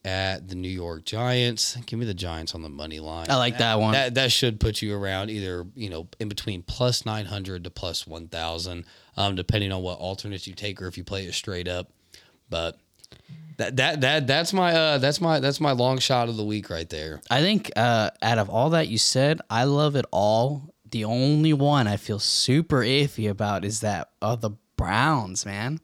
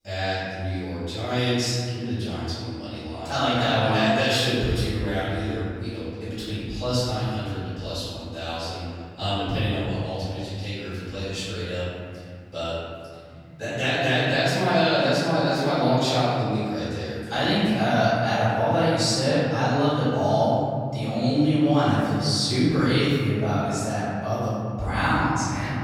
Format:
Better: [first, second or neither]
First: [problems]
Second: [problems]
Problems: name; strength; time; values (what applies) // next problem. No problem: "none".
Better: first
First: none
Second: off-mic speech; far // room echo; strong; dies away in 2.2 s